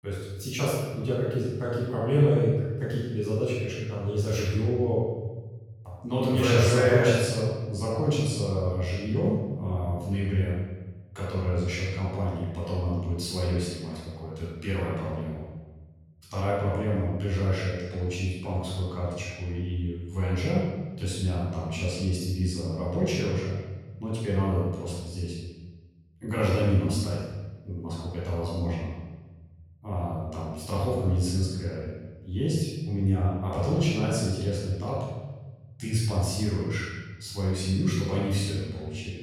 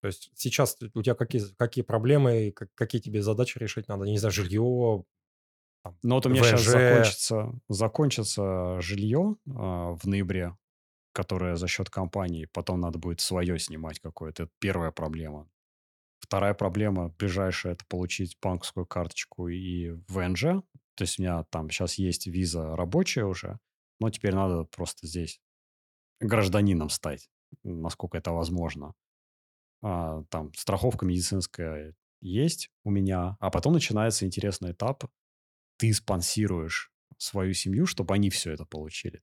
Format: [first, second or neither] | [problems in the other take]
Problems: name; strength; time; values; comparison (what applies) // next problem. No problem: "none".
second | off-mic speech; far // room echo; strong; dies away in 1.3 s